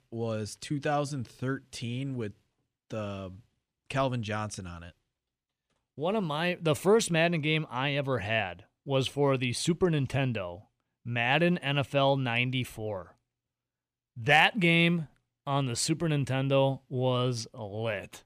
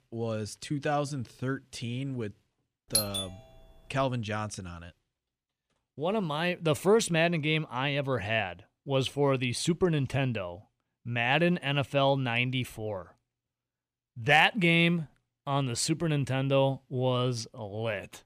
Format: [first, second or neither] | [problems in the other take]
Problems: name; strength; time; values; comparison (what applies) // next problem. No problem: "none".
first | doorbell; loud; at 3 s; peak 1 dB above the speech